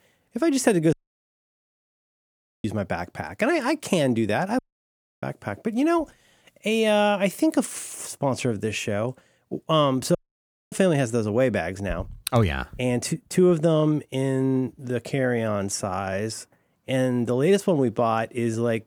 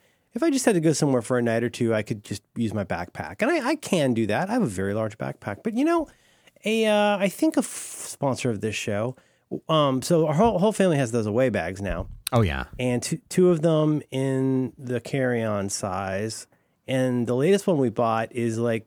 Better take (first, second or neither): second